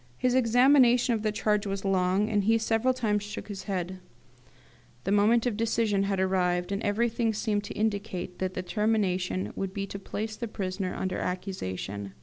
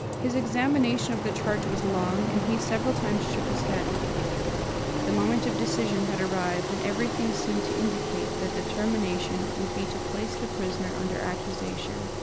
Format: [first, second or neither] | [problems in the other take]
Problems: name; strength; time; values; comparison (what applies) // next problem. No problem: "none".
first | background sound (Engine); as loud as the speech